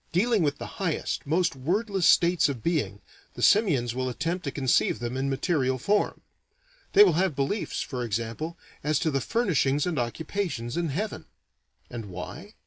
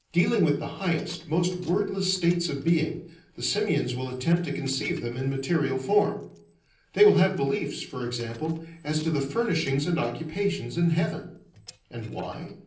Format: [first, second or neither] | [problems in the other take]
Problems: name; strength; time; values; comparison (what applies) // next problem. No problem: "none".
first | noise reduction (neural separator model SepFormer DNS4)